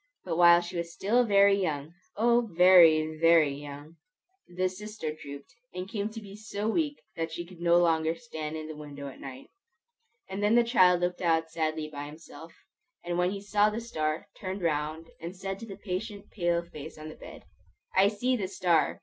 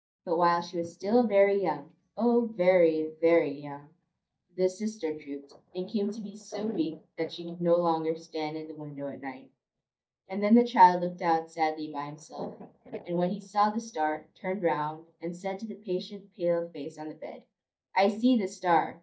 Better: first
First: none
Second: noise reduction (neural mask model DeepFilterNet 3)

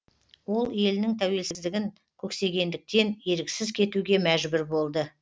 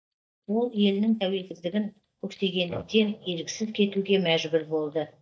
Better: first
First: none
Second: noise reduction (neural mask model DeepFilterNet 3)

